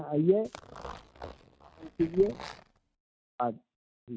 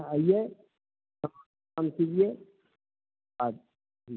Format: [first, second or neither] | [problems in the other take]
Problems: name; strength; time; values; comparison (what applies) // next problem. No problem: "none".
second | noise reduction (neural mask model RNNoise)